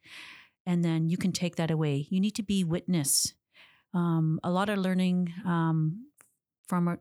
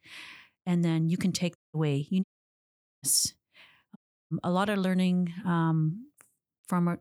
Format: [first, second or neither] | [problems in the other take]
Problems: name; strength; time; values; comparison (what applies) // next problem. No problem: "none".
first | audio cutting out; at 1.5 s, at 2 s for 1 s and at 4 s